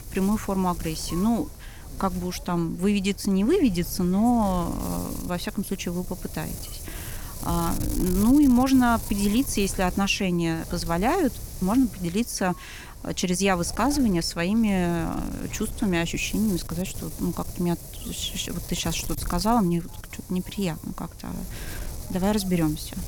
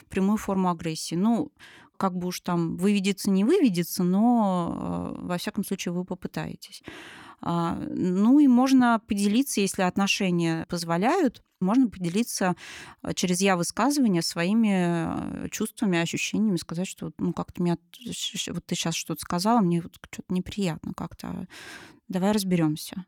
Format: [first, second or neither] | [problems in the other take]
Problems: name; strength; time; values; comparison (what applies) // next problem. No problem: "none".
second | wind noise on the microphone; occasional gusts; 15 dB below the speech